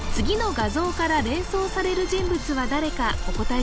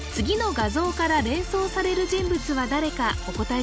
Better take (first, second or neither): second